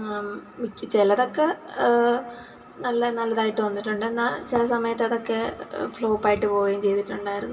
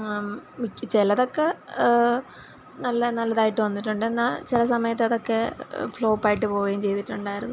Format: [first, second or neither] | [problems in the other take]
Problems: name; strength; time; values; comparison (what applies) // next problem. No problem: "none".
second | room echo; dies away in 2.9 s